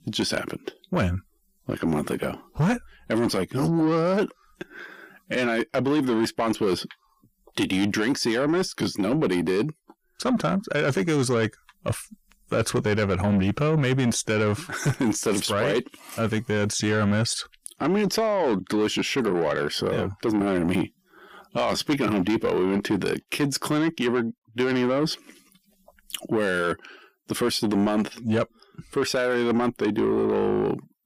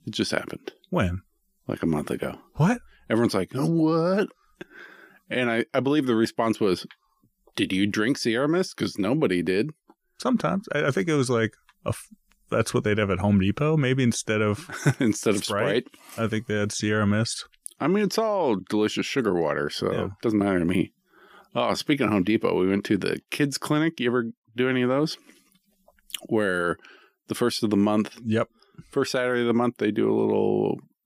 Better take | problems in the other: second | distortion; slight; 10 dB below the speech

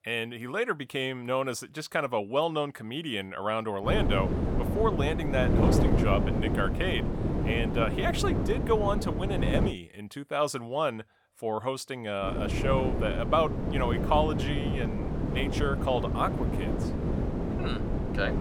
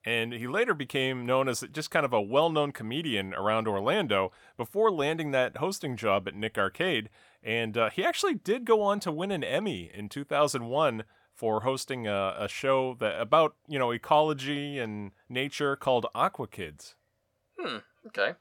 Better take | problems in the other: second | wind noise on the microphone; heavy; from 4 to 9.5 s and from 12 s on; 5 dB below the speech

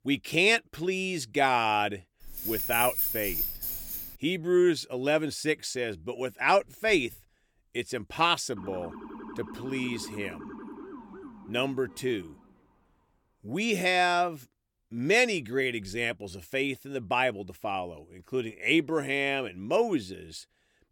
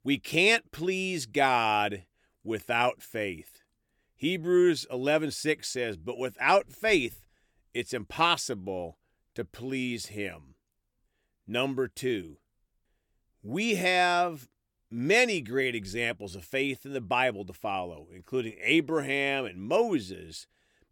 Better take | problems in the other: second | jangling keys; loud; from 2 to 4 s; peak 2 dB above the speech // siren; faint; from 8.5 to 13 s; peak 15 dB below the speech

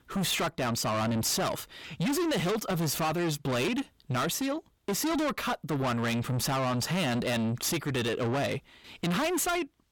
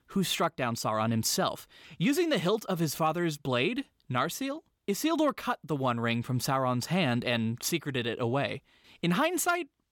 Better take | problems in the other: second | distortion; heavy; 6 dB below the speech

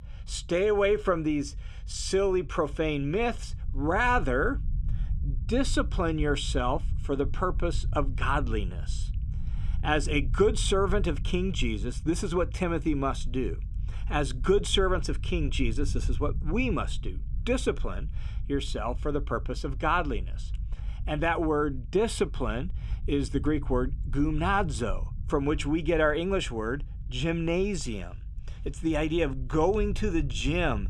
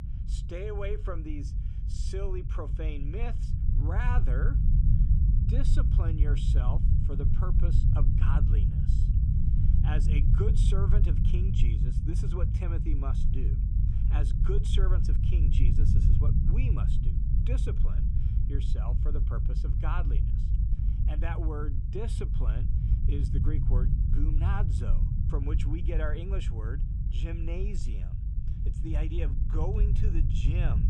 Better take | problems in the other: first | low rumble; loud; throughout; 2 dB below the speech; faint in the first

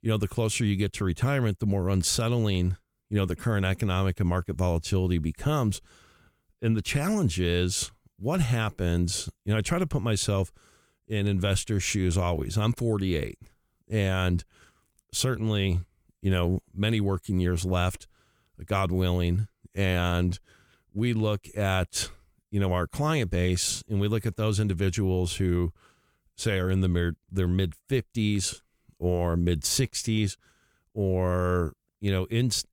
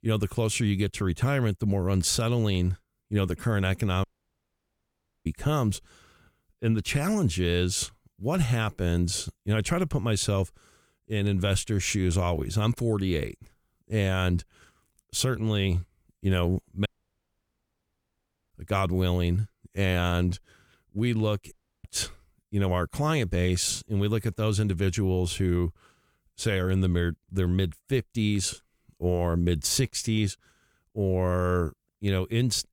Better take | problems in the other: first | audio cutting out; at 4 s for 1 s, at 17 s for 1.5 s and at 22 s

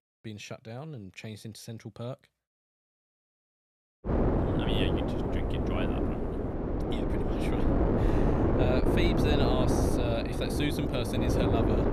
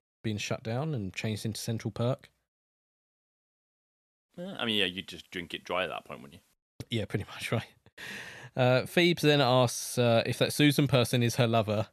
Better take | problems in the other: second | wind noise on the microphone; heavy; from 4 s on; 5 dB above the speech

